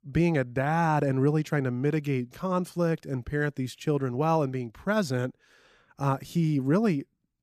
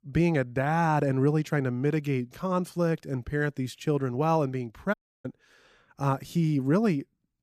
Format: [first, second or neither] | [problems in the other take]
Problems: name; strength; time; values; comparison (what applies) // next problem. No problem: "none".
first | audio cutting out; at 5 s